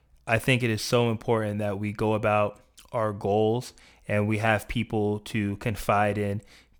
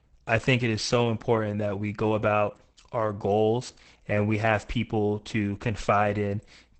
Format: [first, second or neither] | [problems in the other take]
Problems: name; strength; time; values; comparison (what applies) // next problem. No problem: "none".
first | garbled, watery; badly; nothing above 8 kHz